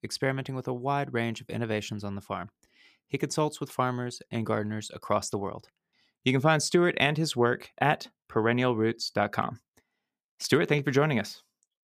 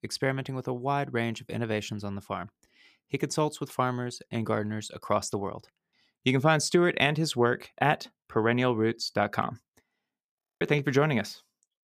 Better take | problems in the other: first | audio freezing; at 10 s

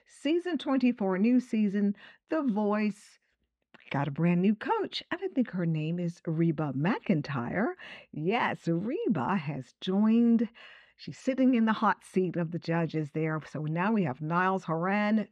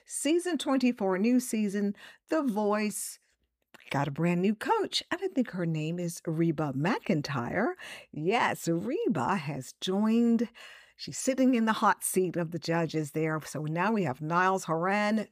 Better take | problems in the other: second | muffled; slightly; fading above 3 kHz

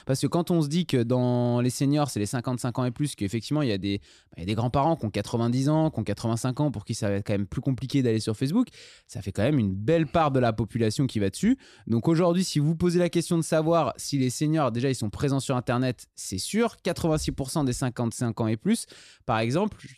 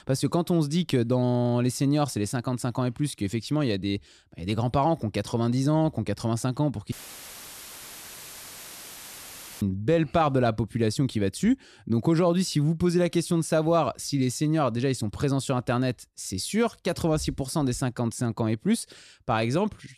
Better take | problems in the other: first | audio cutting out; filled with static; at 7 s for 2.5 s

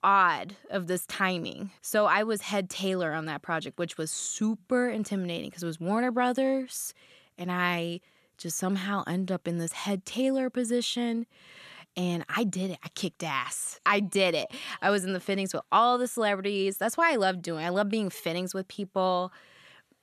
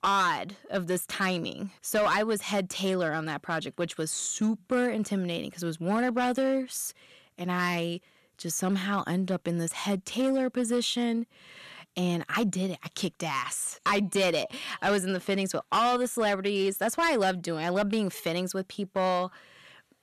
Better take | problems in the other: first | distortion; slight; 5% of the sound clipped

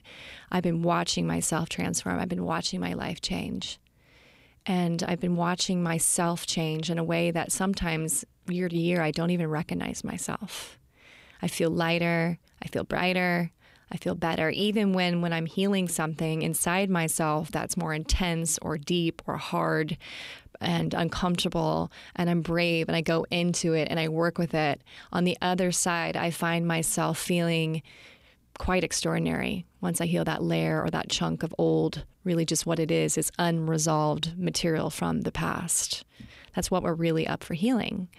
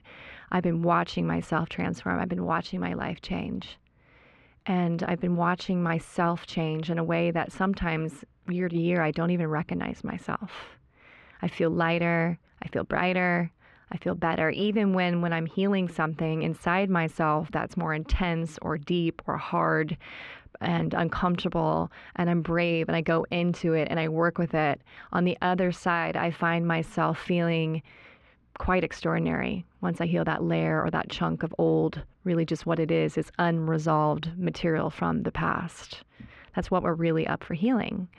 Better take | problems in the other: first | muffled; very; fading above 2 kHz

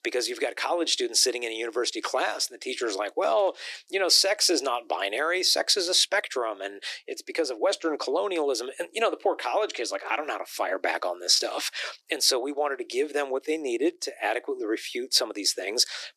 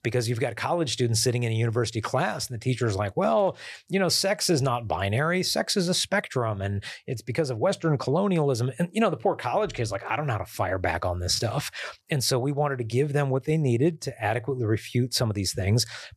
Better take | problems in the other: second | thin; very; fading below 300 Hz

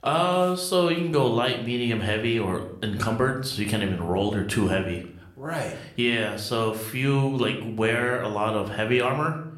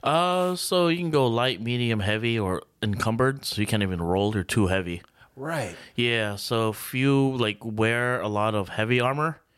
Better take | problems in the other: second | room echo; slight; dies away in 0.5 s

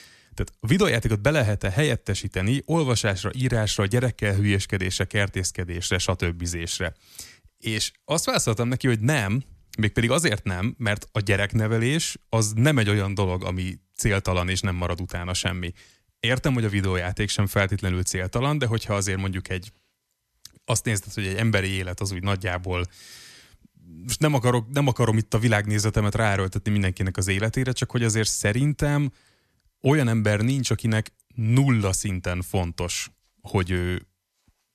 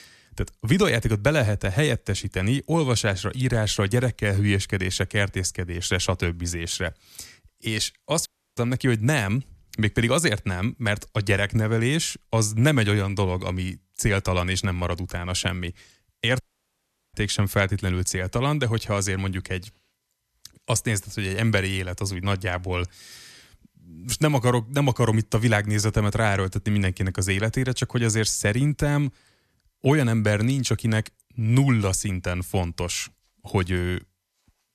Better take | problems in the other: first | audio cutting out; at 8.5 s and at 16 s for 0.5 s

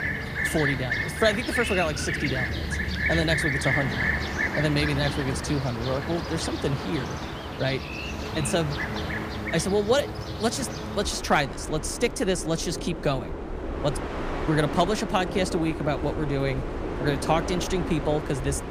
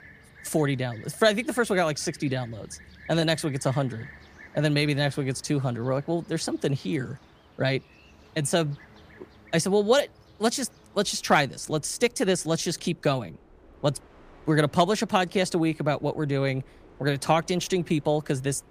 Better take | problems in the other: second | train or aircraft noise; loud; throughout; 3 dB below the speech; faint in the second

